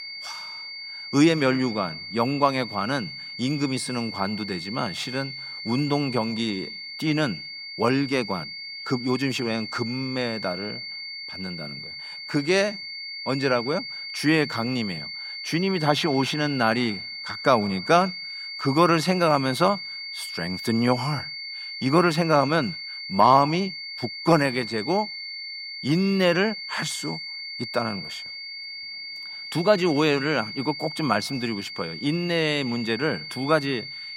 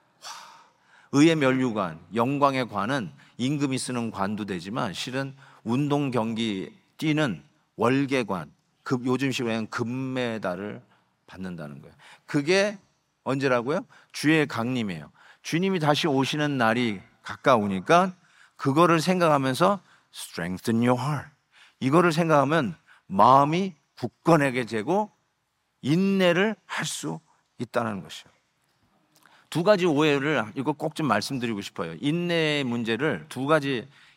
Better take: second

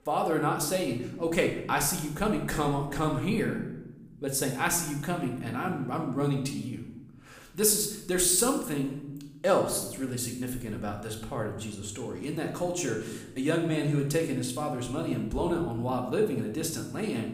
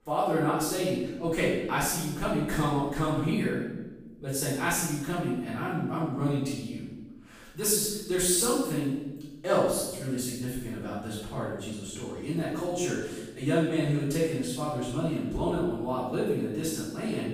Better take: first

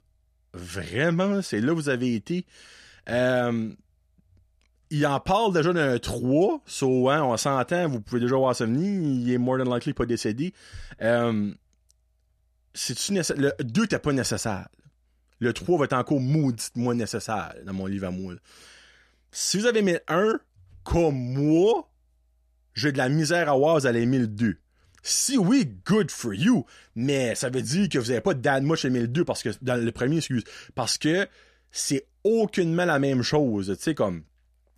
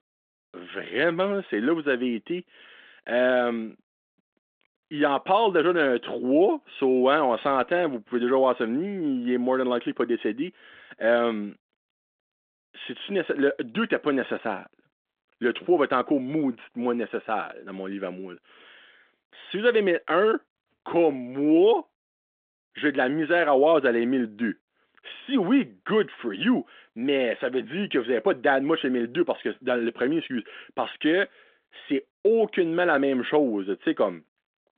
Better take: first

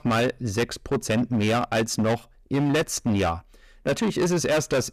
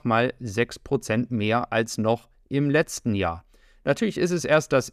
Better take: second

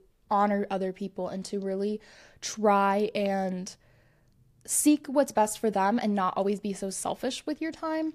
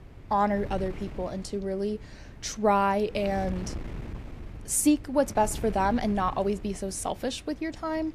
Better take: first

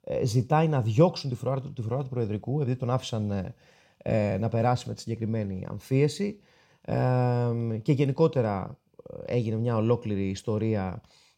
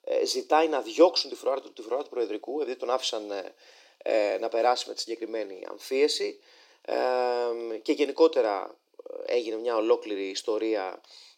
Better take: first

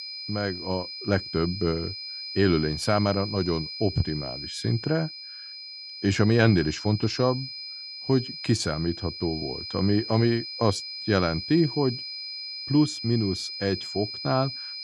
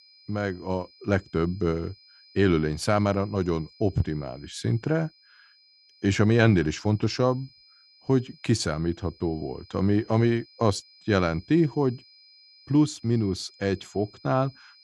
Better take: second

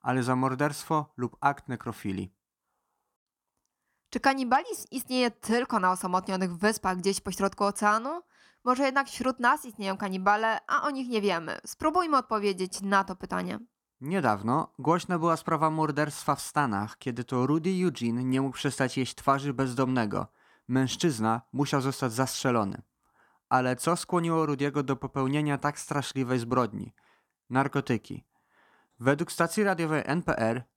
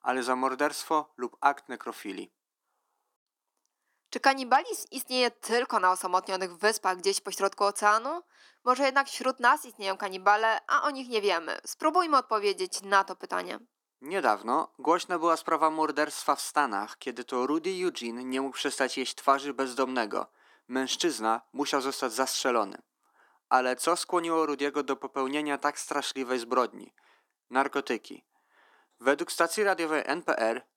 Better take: first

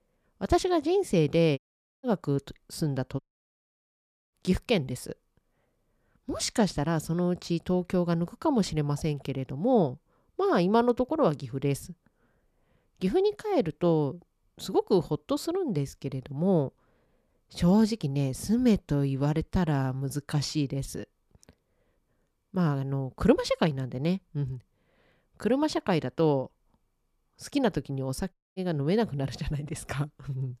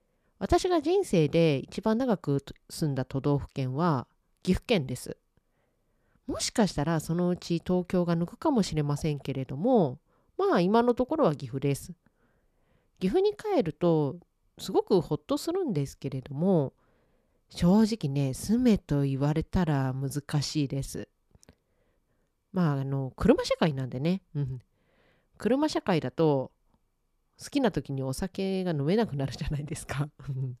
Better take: second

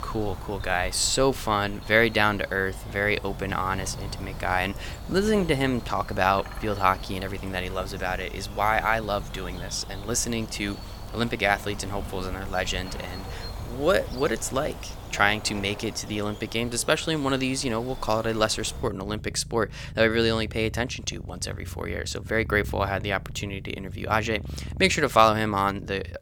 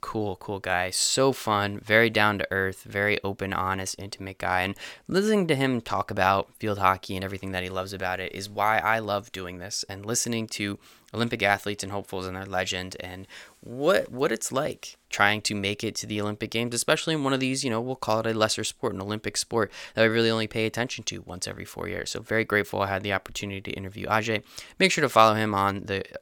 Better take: second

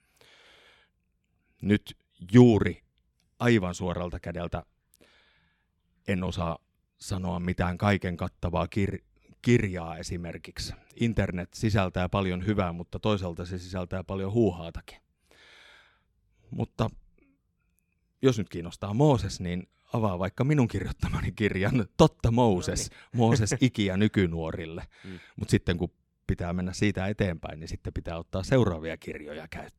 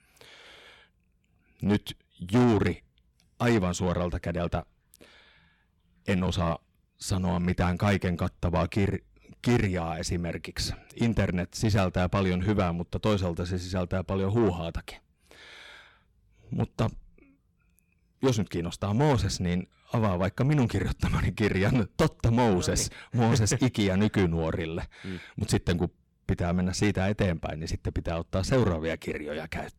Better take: first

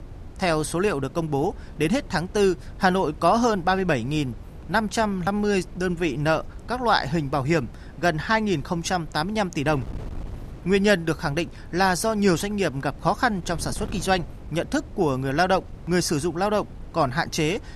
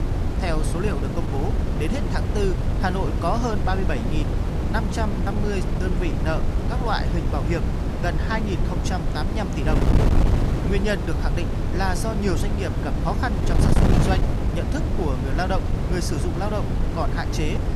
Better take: first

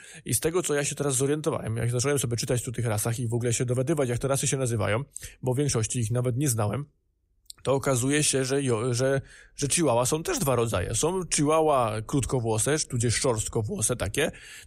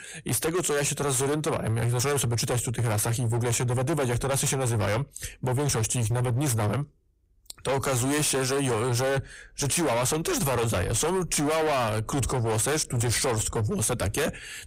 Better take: first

